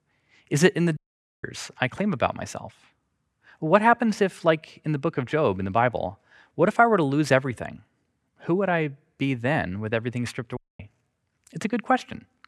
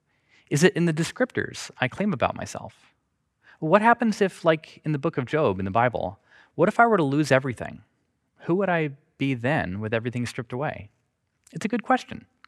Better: second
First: audio cutting out; at 1 s and at 11 s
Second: none

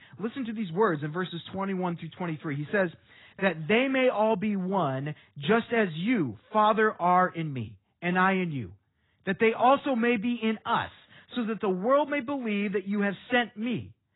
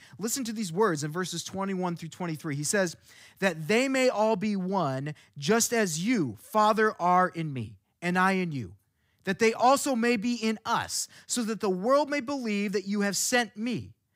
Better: second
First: garbled, watery; badly; nothing above 4 kHz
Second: none

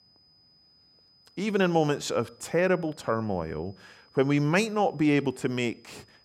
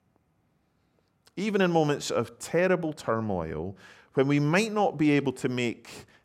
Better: second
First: high-pitched whine; faint; throughout; 5 kHz, 30 dB below the speech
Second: none

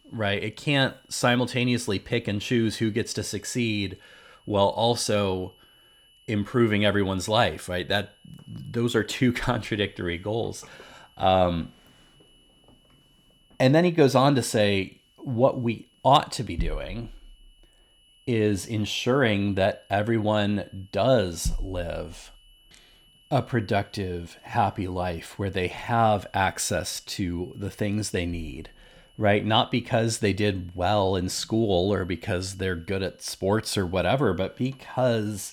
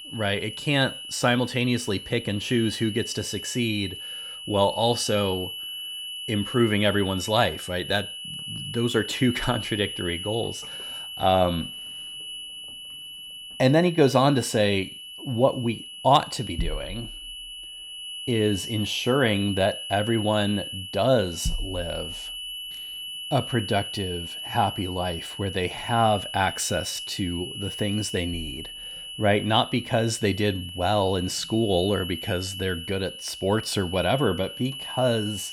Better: first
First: high-pitched whine; faint; throughout; 3 kHz, 30 dB below the speech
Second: high-pitched whine; loud; throughout; 3 kHz, 9 dB below the speech

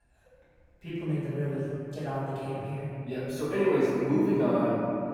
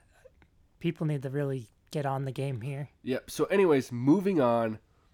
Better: second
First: off-mic speech; far // room echo; strong; dies away in 2.6 s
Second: none

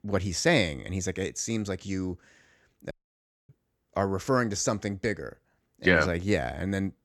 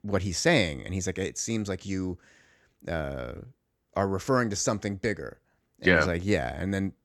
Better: second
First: audio cutting out; at 3 s for 0.5 s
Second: none

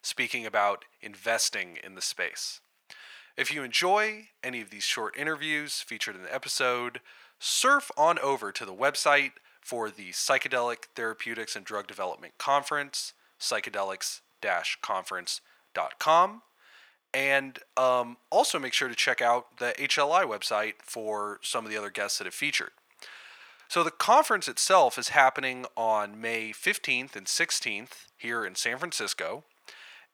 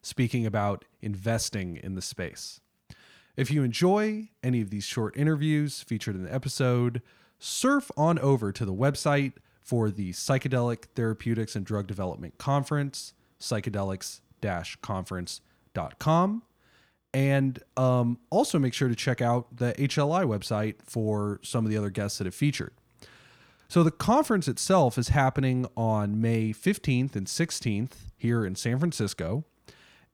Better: second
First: thin; very; fading below 750 Hz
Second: none

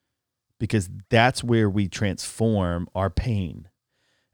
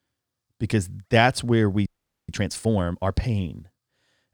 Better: first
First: none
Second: audio freezing; at 2 s

